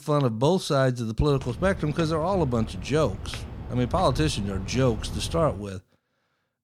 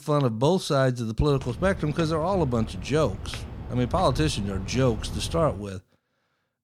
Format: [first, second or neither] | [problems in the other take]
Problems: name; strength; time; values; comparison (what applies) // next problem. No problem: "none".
neither | footsteps; noticeable; from 1.5 to 5.5 s; peak 9 dB below the speech; the same in both